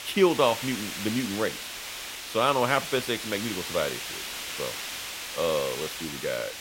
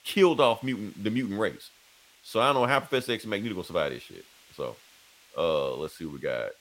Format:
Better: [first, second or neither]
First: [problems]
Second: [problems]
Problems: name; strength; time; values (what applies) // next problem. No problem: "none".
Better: second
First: hiss; loud; throughout; 6 dB below the speech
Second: hiss; faint; throughout; 25 dB below the speech